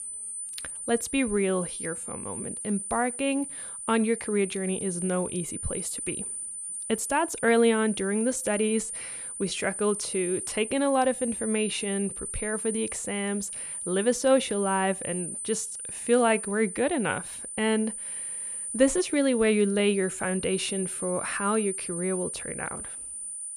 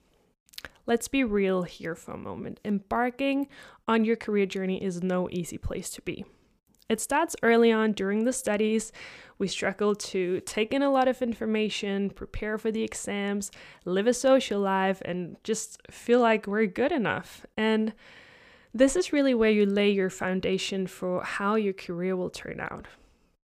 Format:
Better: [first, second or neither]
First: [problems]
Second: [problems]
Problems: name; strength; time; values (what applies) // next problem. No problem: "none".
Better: second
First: high-pitched whine; loud; throughout; 9 kHz, 6 dB below the speech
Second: none